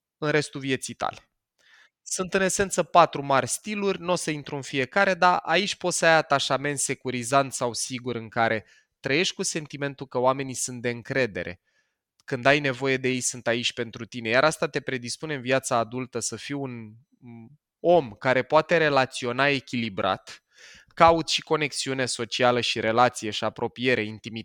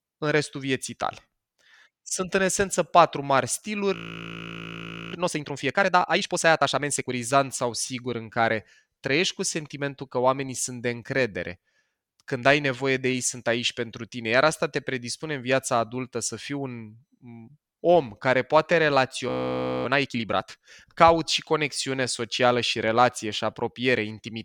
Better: first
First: none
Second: audio freezing; at 4 s for 1 s and at 19 s for 0.5 s

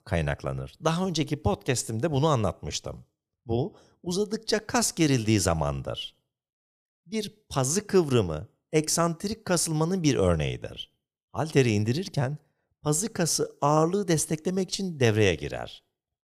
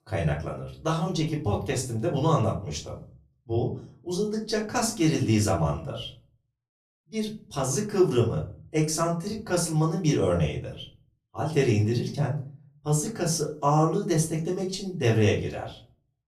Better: first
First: none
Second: off-mic speech; far // room echo; very slight; dies away in 0.4 s

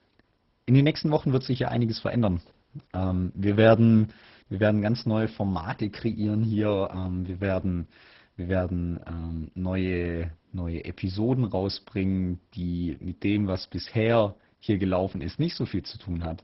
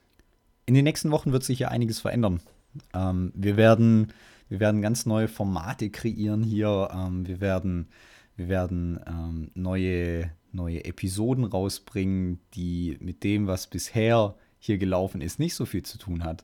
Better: second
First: garbled, watery; badly; nothing above 5.5 kHz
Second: none

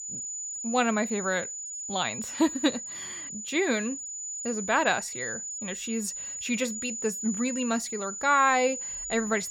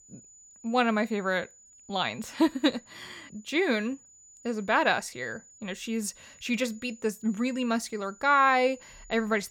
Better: second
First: high-pitched whine; loud; throughout; 7 kHz, 6 dB below the speech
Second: high-pitched whine; faint; throughout; 7 kHz, 25 dB below the speech

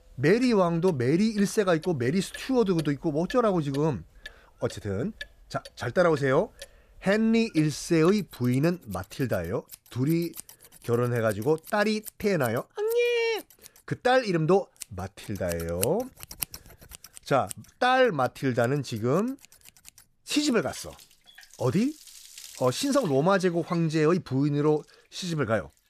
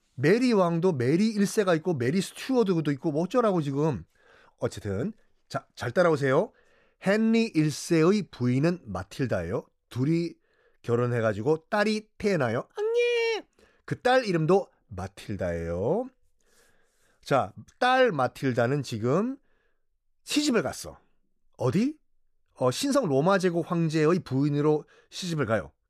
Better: second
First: household noises; noticeable; throughout; 20 dB below the speech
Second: none

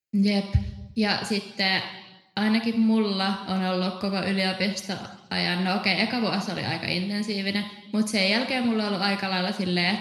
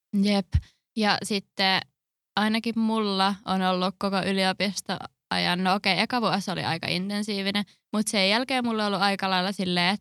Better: second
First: room echo; slight; dies away in 0.9 s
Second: none

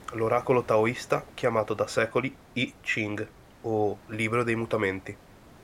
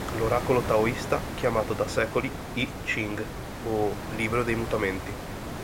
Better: first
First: hiss; faint; throughout; 25 dB below the speech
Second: hiss; loud; throughout; 7 dB below the speech

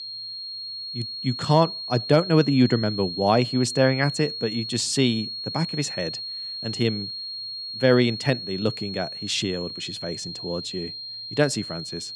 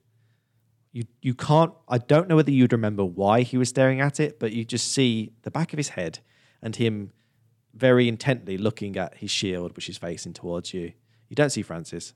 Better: second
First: high-pitched whine; loud; throughout; 4.5 kHz, 7 dB below the speech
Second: none

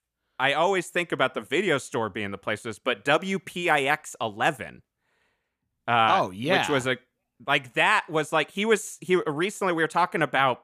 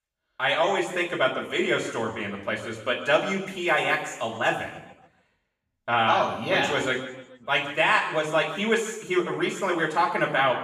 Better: first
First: none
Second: room echo; noticeable; dies away in 1 s // off-mic speech; far

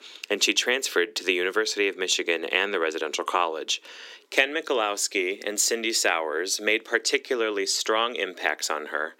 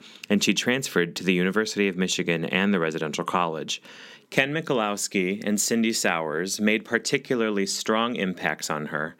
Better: second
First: thin; very; fading below 300 Hz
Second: none

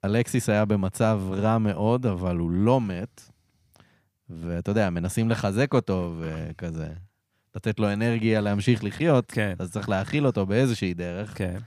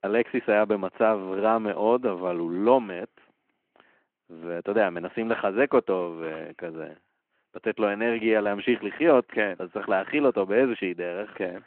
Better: first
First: none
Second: phone-call audio

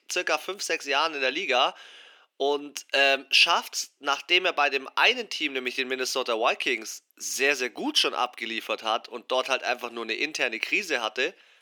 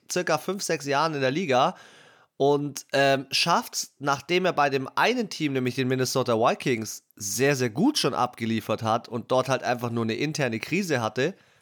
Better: second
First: thin; somewhat; fading below 300 Hz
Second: none

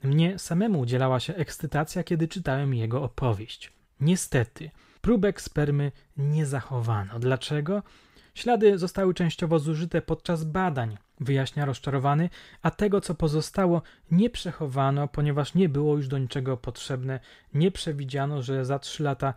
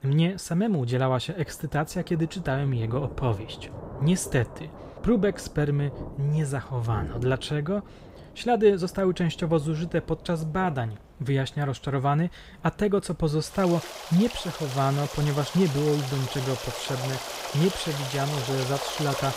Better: first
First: none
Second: rain or running water; noticeable; throughout; 10 dB below the speech

